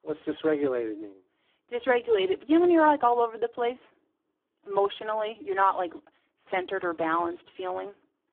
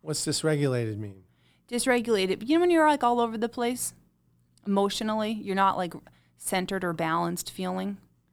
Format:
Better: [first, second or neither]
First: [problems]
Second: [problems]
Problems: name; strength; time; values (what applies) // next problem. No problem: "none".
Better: second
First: phone-call audio; poor line; nothing above 3.5 kHz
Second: none